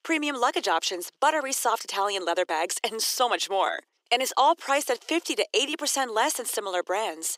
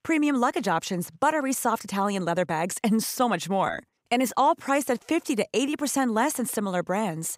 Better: second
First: thin; somewhat; fading below 350 Hz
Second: none

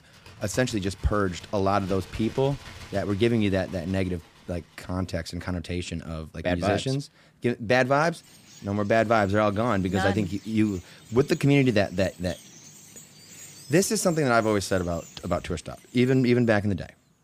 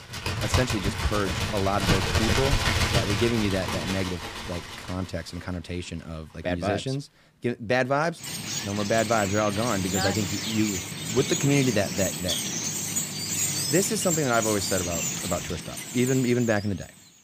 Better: first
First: animal sounds; faint; throughout; 20 dB below the speech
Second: animal sounds; loud; throughout; as loud as the speech

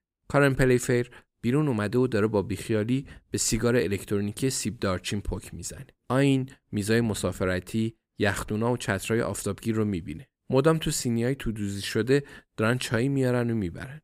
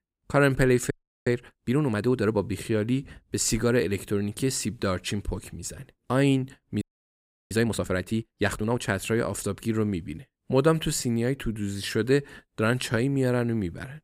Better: first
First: none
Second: audio freezing; at 1 s and at 7 s for 0.5 s

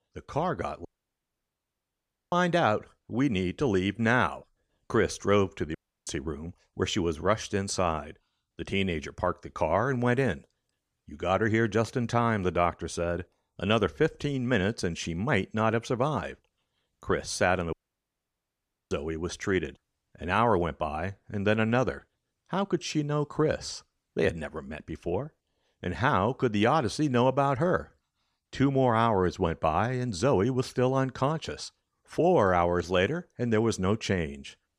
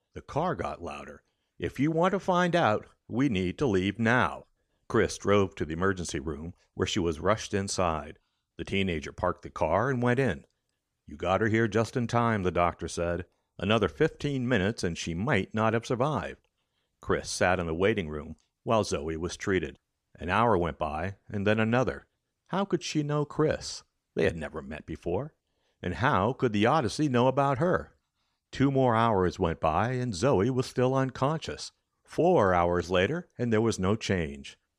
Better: second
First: audio cutting out; at 1 s for 1.5 s, at 6 s and at 18 s for 1 s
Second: none

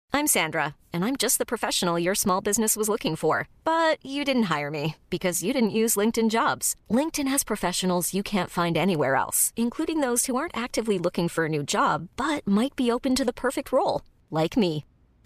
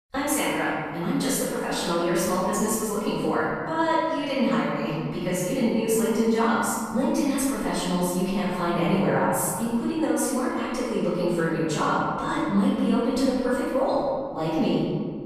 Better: first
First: none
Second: room echo; strong; dies away in 2.1 s // off-mic speech; far

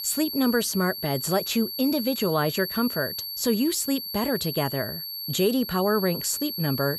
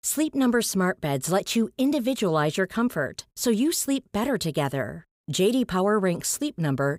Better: second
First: high-pitched whine; loud; throughout; 4.5 kHz, 6 dB below the speech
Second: none

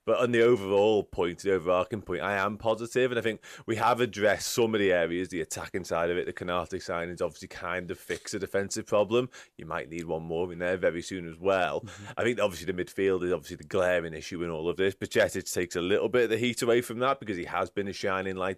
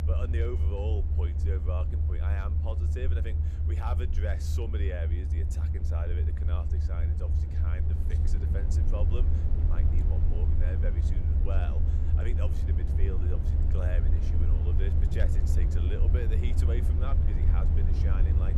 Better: first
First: none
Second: low rumble; loud; throughout; 1 dB below the speech

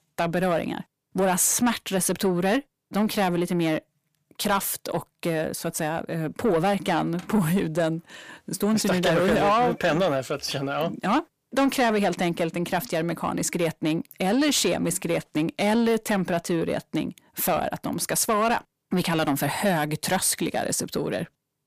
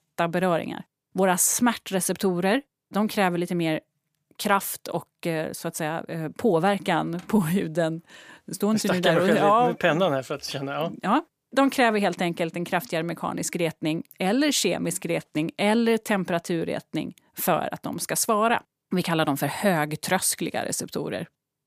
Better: second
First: distortion; slight; 10 dB below the speech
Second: none

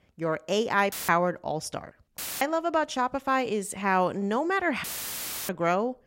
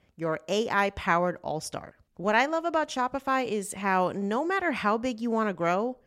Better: second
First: audio cutting out; filled with static; at 1 s, at 2 s and at 5 s for 0.5 s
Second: none

